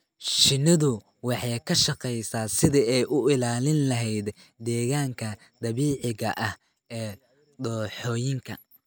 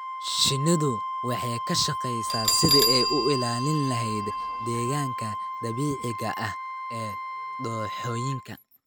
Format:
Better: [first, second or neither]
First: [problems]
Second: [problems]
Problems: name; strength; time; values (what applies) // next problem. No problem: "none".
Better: first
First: none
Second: background sound (Wind instrument, woodwind instrument + Bell); 1 dB below the speech